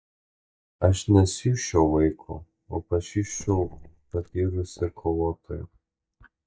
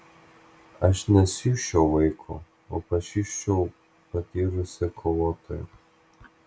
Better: second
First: noise reduction (neural mask model DeepFilterNet 3)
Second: none

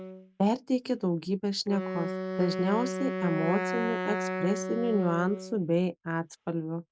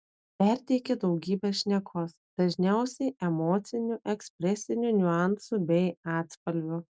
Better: second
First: background sound (Wind instrument, woodwind instrument); 6 dB below the speech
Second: none

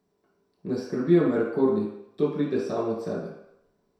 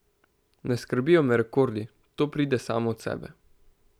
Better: second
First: room echo; dies away in 0.7 s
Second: none

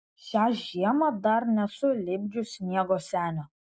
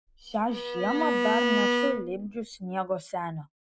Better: first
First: none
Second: background sound (Bowed string instrument); 2 dB above the speech

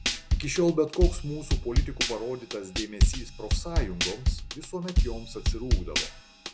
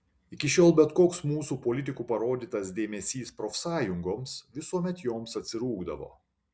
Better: second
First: background sound (Drum kit); 5 dB above the speech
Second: none

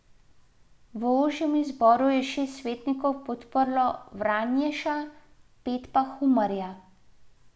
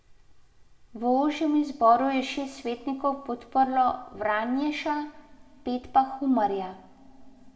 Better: first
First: none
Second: room echo; dies away in 1.4 s

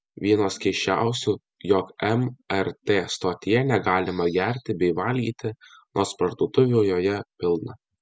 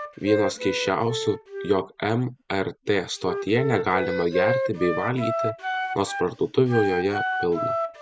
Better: first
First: none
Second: background sound (Wind instrument, woodwind instrument); 4 dB below the speech

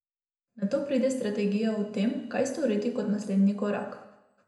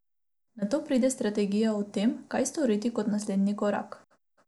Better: second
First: room echo; dies away in 0.8 s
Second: none

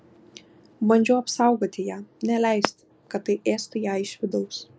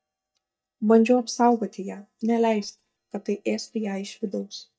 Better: first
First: none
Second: noise reduction (neural mask model DeepFilterNet 3)

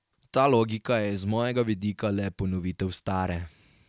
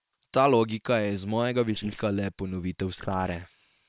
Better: first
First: none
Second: noise reduction (neural separator model SepFormer WHAM!)

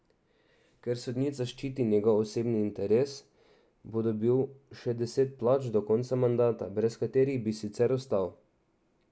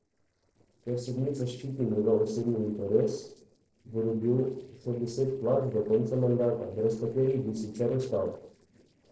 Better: first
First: none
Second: noise reduction (neural separator model SepFormer DNS4)

